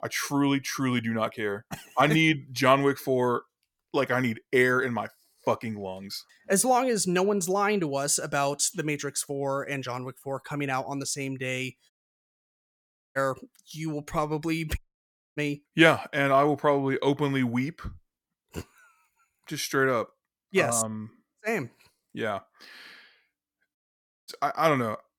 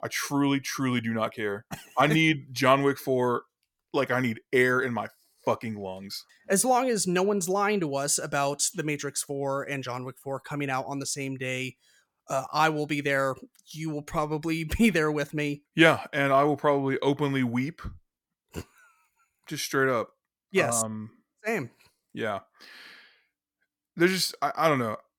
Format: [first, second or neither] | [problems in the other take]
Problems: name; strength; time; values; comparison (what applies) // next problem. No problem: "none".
second | audio cutting out; at 12 s for 1.5 s, at 15 s for 0.5 s and at 24 s for 0.5 s